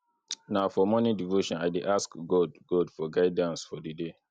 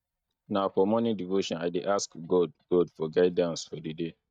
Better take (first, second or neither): first